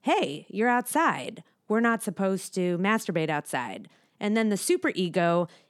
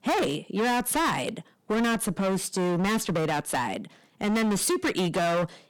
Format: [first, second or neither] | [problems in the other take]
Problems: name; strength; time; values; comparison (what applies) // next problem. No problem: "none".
first | distortion; heavy; 25% of the sound clipped